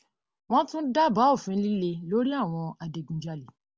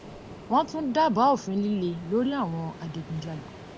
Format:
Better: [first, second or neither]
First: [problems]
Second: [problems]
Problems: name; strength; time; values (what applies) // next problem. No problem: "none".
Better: first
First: none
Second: background sound (Ocean); 16 dB below the speech